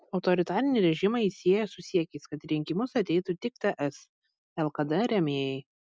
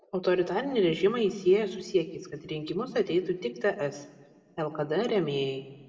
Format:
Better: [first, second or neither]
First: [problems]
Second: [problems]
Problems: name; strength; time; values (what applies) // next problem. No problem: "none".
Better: first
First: none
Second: room echo; dies away in 0.9 s